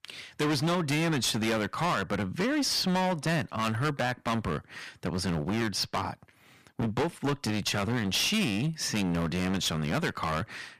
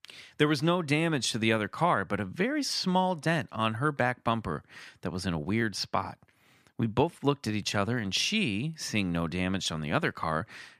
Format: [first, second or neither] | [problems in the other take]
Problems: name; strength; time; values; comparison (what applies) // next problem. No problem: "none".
second | distortion; heavy; 20% of the sound clipped